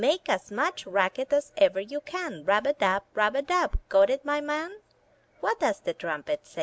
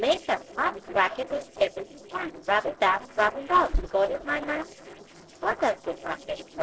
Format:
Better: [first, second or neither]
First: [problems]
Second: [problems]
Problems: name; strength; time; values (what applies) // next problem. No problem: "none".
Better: first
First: none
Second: noise reduction (neural separator model SepFormer DNS4)